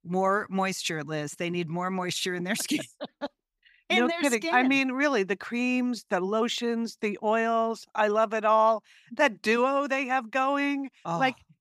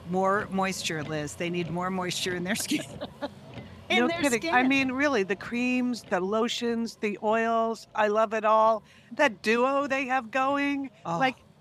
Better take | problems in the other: first | traffic noise; faint; throughout; 20 dB below the speech

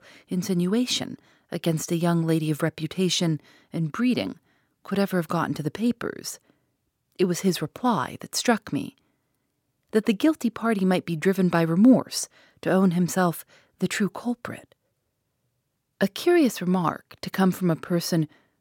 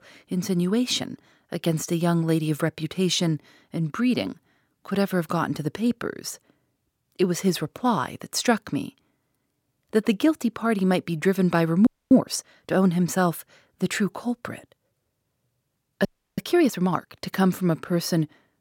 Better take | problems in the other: first | audio freezing; at 12 s and at 16 s

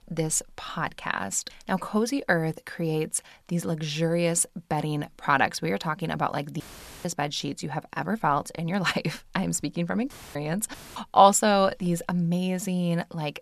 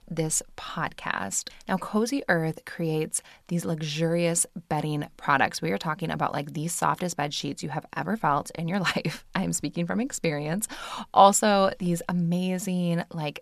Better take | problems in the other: second | audio cutting out; filled with static; at 6.5 s, at 10 s and at 11 s

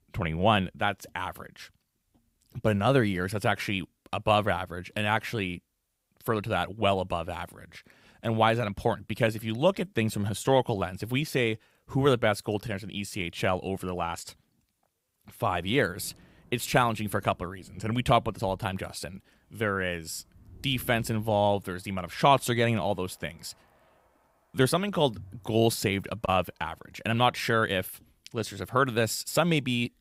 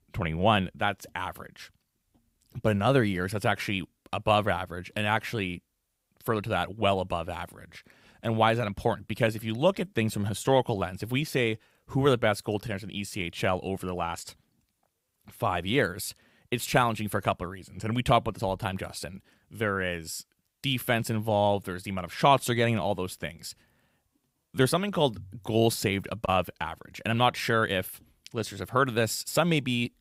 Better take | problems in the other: second | rain or running water; faint; from 15 s on; 30 dB below the speech

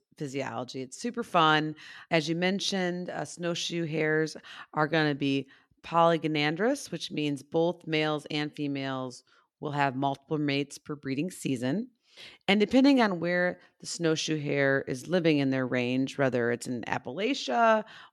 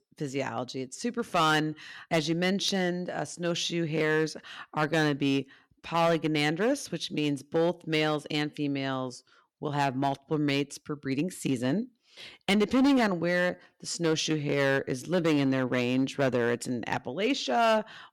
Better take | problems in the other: first | distortion; slight; 4% of the sound clipped

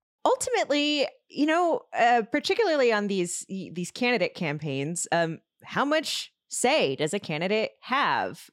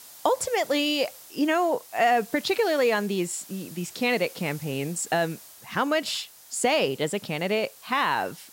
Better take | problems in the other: first | hiss; noticeable; throughout; 20 dB below the speech

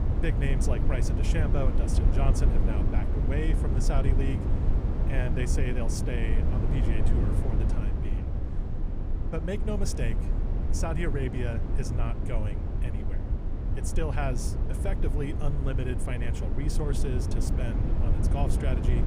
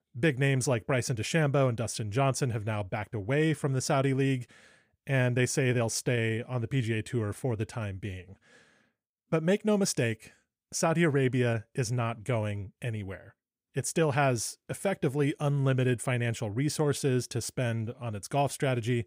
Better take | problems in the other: second | low rumble; loud; throughout; 3 dB below the speech

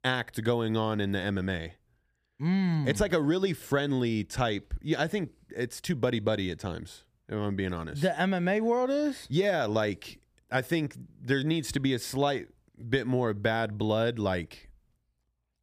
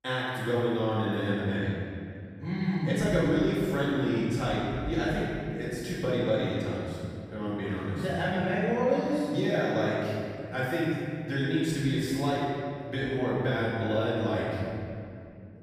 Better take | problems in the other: first | room echo; strong; dies away in 2.4 s // off-mic speech; far

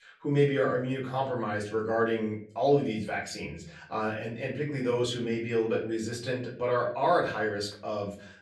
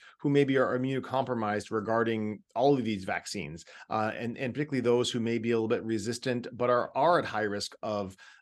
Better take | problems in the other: second | off-mic speech; far // room echo; slight; dies away in 0.4 s

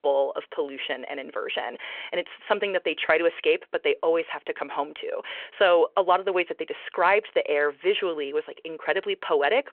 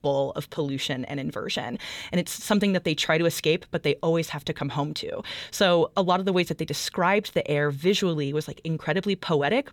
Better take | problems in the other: second | phone-call audio

